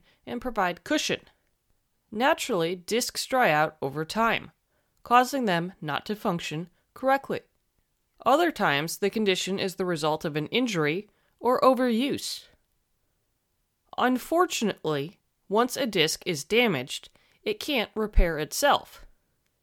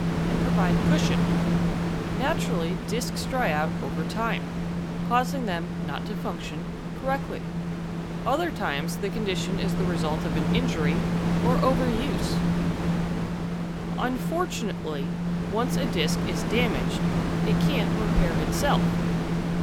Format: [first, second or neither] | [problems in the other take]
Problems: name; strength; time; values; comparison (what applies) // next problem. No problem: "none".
first | wind noise on the microphone; heavy; 3 dB below the speech